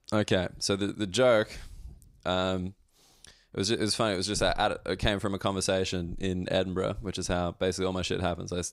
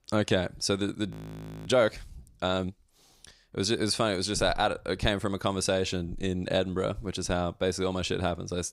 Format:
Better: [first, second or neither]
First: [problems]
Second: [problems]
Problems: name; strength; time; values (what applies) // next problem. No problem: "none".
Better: first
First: none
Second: audio freezing; at 1 s for 0.5 s